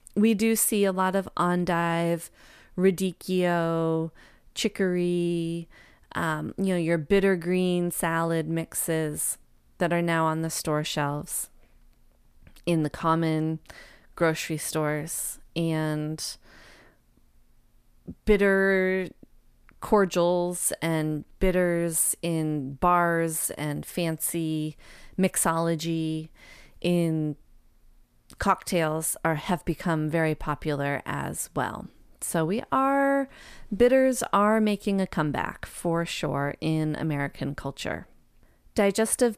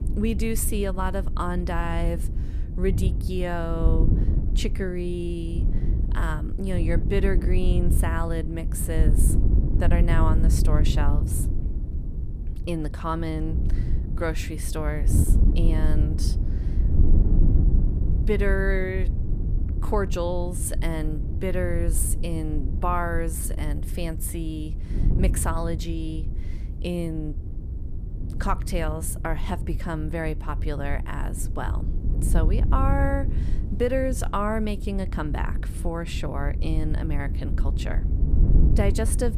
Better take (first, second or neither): first